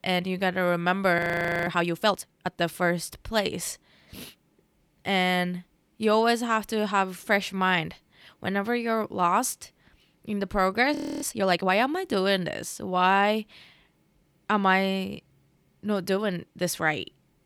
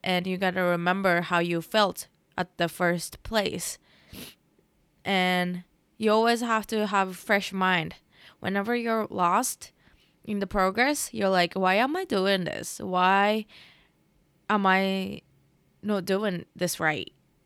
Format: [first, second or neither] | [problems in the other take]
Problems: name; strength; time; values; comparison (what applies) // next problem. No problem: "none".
second | audio freezing; at 1 s and at 11 s